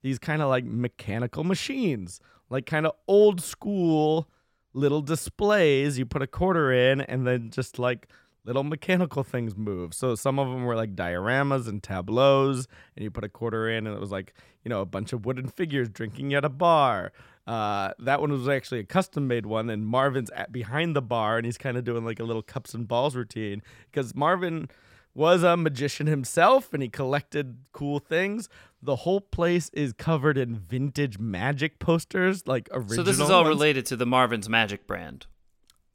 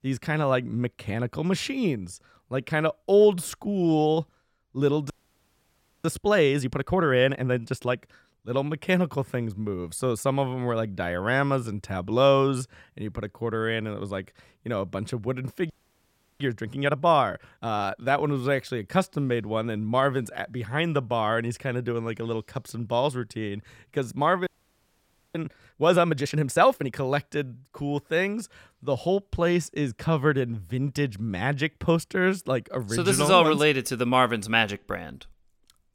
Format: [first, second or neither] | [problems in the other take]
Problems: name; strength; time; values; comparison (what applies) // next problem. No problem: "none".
first | audio freezing; at 5 s for 1 s, at 16 s for 0.5 s and at 24 s for 1 s